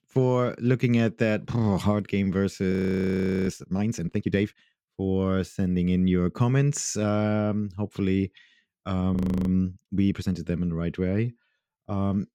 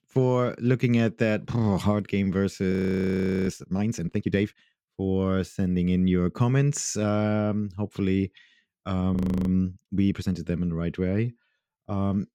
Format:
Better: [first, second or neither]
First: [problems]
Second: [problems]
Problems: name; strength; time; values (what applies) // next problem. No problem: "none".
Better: neither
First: audio freezing; at 2.5 s for 0.5 s and at 9 s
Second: audio freezing; at 2.5 s for 0.5 s and at 9 s